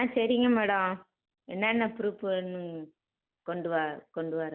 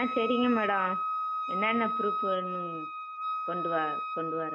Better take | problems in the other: first | background sound (Wind instrument, woodwind instrument); 1 dB below the speech

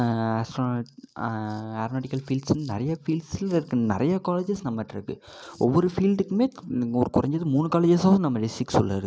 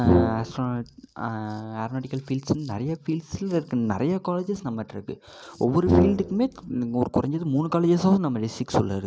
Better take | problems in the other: first | background sound (Brass instrument); 1 dB above the speech

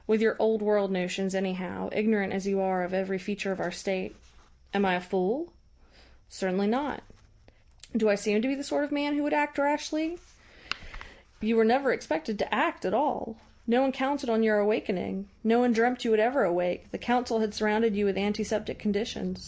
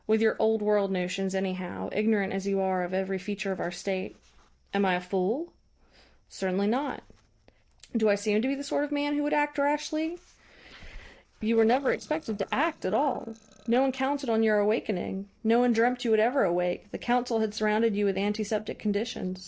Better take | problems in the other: first | noise reduction (neural separator model SepFormer DNS4)

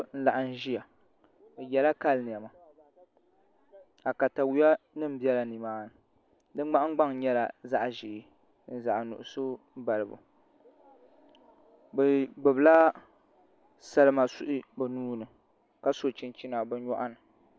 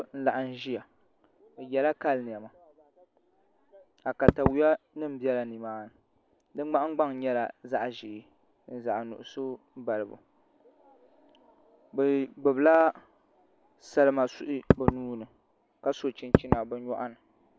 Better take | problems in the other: first | background sound (Knock / Wood); 4 dB above the speech

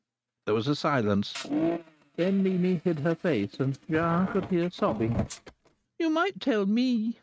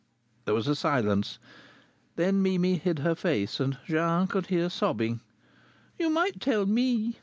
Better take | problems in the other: second | noise reduction (neural mask model RNNoise)

